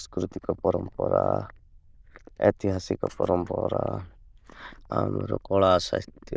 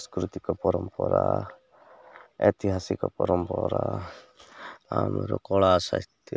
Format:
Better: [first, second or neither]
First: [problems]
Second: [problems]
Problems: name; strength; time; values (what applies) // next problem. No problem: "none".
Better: second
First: noise reduction (neural diffusion model UNIVERSE++)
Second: none